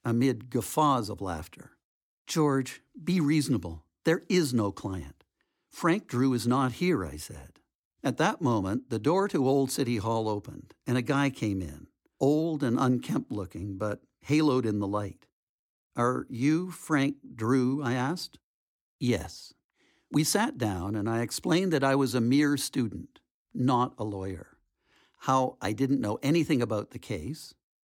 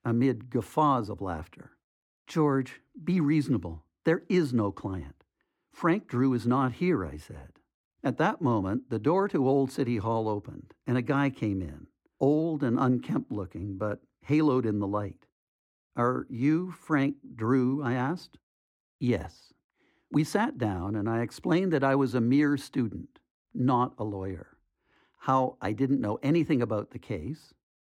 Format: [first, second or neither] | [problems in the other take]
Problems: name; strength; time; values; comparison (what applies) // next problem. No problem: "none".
first | muffled; slightly; fading above 3.5 kHz